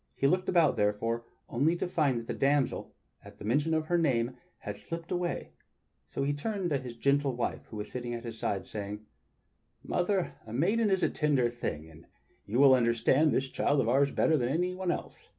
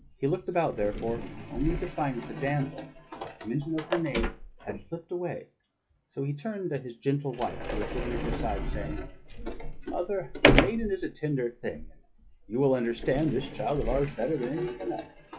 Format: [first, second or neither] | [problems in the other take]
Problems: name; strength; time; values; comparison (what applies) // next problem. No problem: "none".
first | noise reduction (classical method log-MMSE)